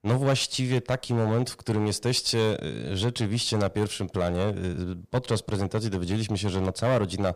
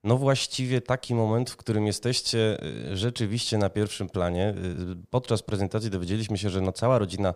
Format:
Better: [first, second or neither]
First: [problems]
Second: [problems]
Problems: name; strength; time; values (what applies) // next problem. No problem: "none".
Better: second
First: distortion; slight; 5% of the sound clipped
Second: none